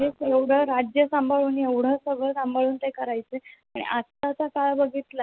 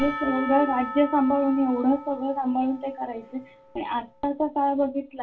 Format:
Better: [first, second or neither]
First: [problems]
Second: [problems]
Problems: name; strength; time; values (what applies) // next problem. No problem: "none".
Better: first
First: none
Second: background sound (Church bell / Percussion); 13 dB below the speech // room echo; dies away in 0.2 s